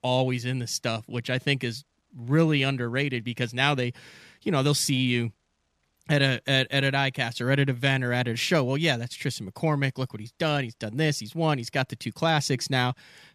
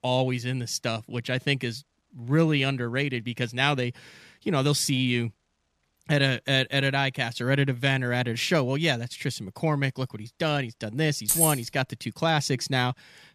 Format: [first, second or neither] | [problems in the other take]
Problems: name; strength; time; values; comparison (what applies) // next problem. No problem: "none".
first | jangling keys; loud; at 11 s; peak 4 dB above the speech